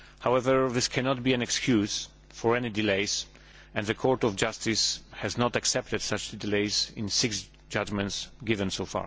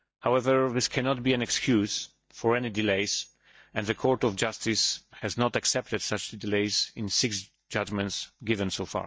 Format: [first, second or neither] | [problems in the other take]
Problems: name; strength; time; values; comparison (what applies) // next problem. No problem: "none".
first | noise reduction (neural mask model DeepFilterNet 3)